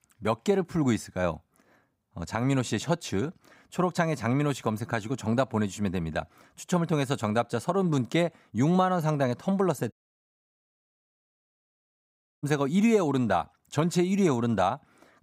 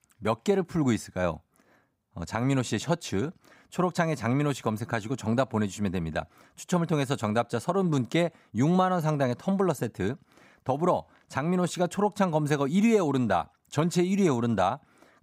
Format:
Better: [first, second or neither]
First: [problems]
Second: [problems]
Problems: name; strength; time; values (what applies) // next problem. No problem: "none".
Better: second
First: audio cutting out; at 10 s for 2.5 s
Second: none